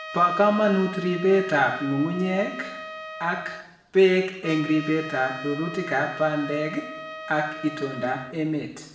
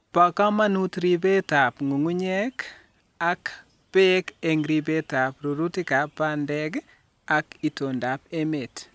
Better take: second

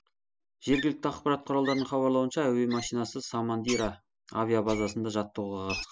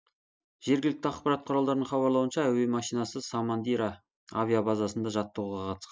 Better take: second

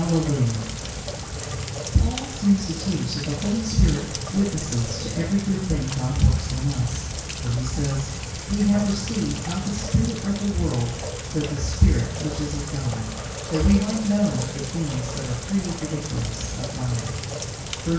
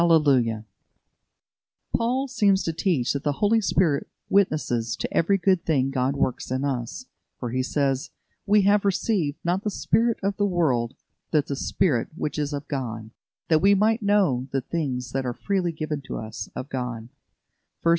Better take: second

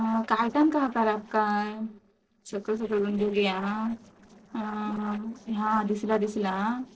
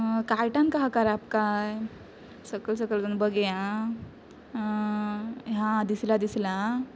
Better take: second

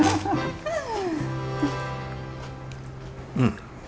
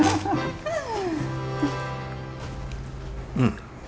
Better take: first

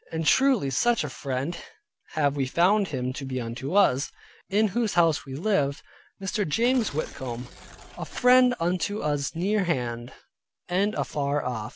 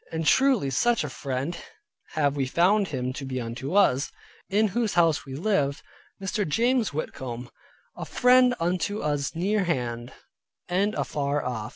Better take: second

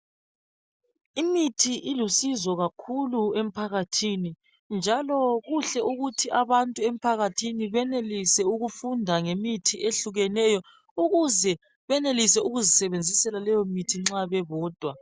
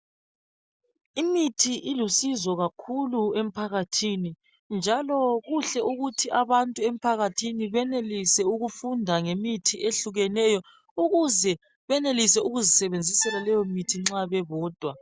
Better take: first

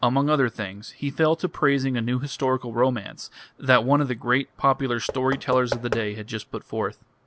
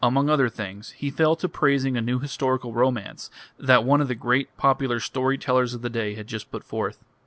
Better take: second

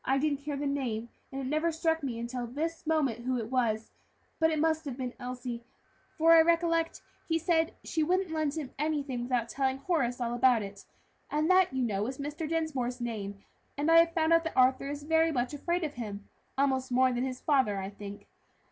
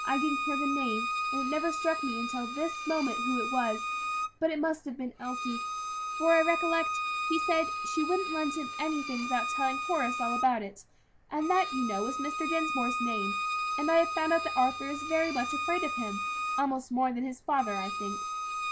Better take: first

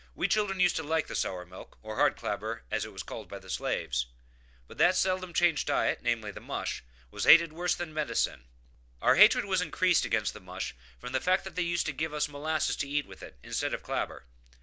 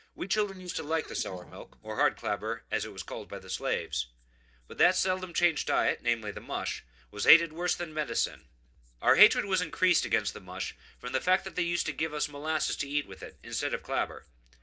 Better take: first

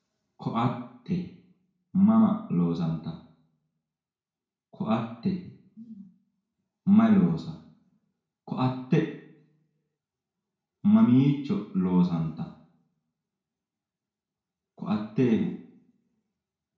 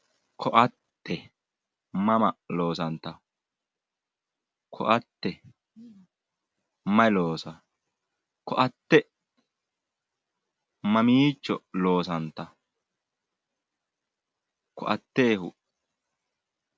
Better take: second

